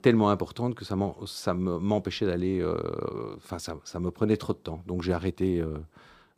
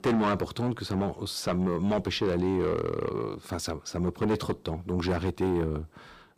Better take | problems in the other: first | distortion; heavy; 6 dB below the speech

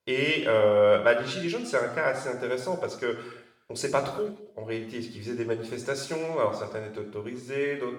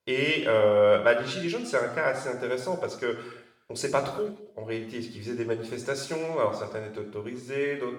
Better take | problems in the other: neither | room echo; noticeable; dies away in 0.8 s; the same in both // off-mic speech; somewhat distant; the same in both

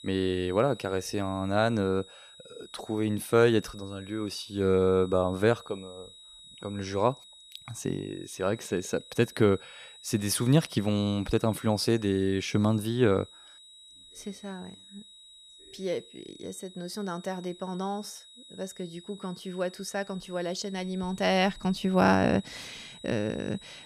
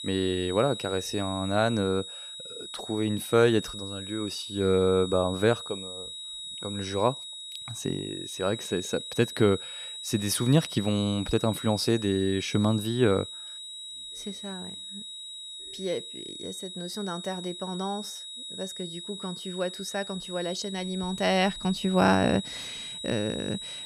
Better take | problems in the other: first | high-pitched whine; loud; throughout; 4 kHz, 9 dB below the speech; faint in the first

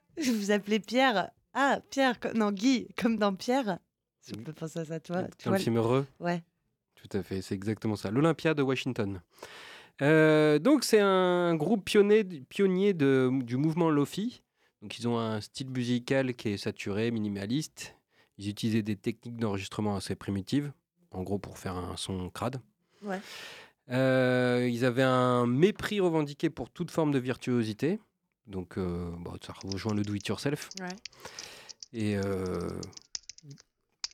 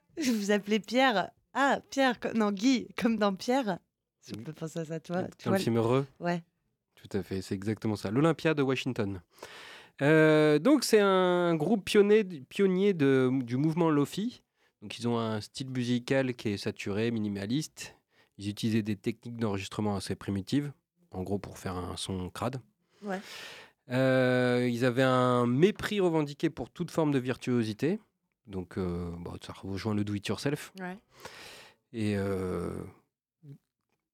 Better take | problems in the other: second | keyboard typing; faint; from 30 s on; peak 10 dB below the speech

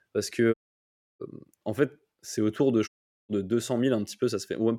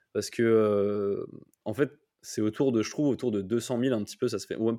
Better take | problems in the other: second | audio cutting out; at 0.5 s for 0.5 s and at 3 s

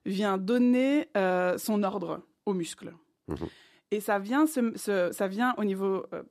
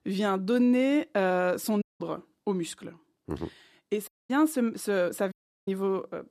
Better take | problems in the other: first | audio cutting out; at 2 s, at 4 s and at 5.5 s

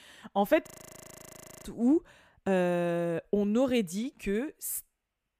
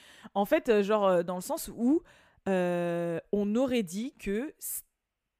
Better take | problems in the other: second | audio freezing; at 0.5 s for 1 s

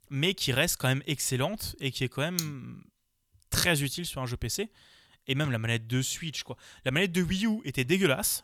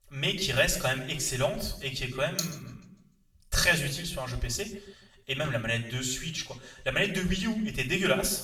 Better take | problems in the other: first | room echo; slight; dies away in 0.6 s // off-mic speech; far

